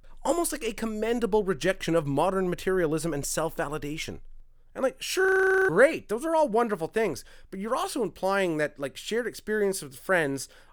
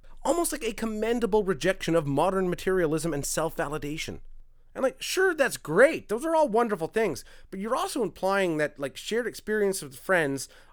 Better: second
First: audio freezing; at 5.5 s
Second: none

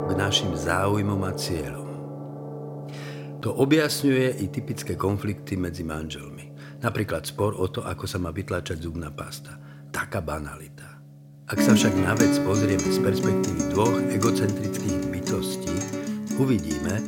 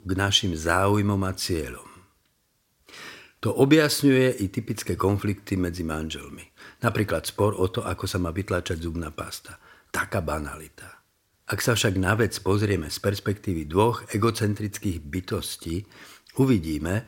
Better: second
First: background music; loud; throughout; 1 dB below the speech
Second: none

